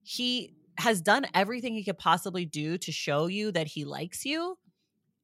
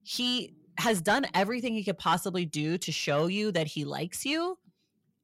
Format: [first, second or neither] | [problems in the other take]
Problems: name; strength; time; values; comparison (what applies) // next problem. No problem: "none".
first | distortion; slight; 10 dB below the speech